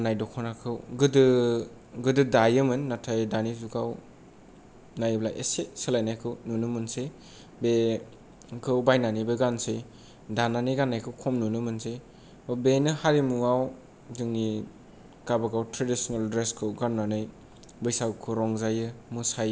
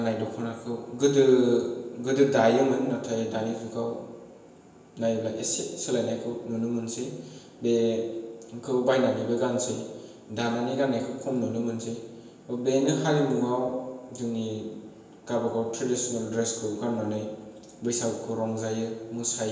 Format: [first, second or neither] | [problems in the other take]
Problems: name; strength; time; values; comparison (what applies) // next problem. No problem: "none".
first | room echo; dies away in 1 s